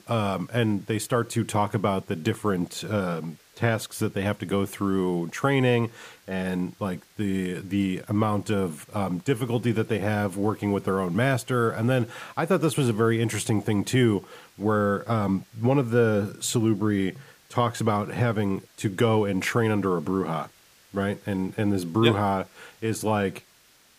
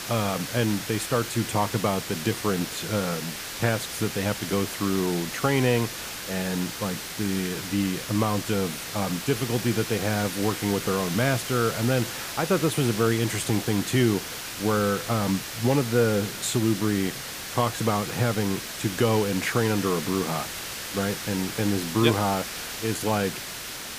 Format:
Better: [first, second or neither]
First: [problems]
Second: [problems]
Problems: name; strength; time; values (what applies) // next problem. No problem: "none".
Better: first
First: hiss; faint; throughout; 30 dB below the speech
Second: hiss; loud; throughout; 6 dB below the speech